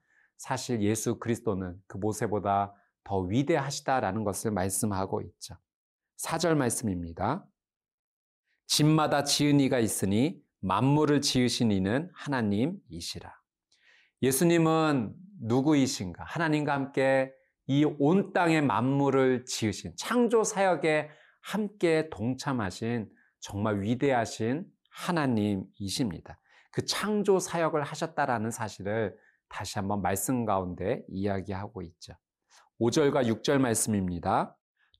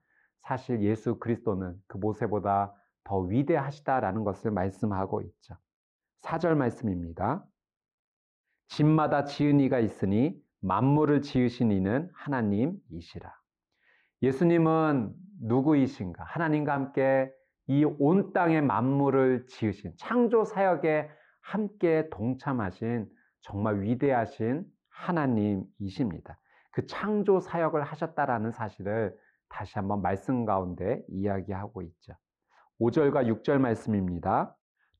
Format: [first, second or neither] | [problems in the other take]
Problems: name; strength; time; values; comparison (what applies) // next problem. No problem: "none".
first | muffled; very; fading above 2 kHz